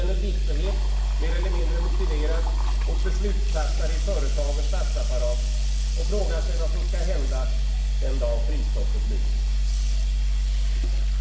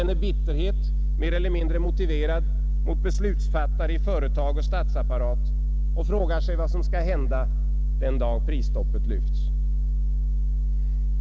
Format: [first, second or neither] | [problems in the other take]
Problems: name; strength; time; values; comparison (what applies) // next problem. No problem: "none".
second | background sound (Sink (filling or washing) / Water tap, faucet); 19 dB below the speech // room echo; dies away in 0.8 s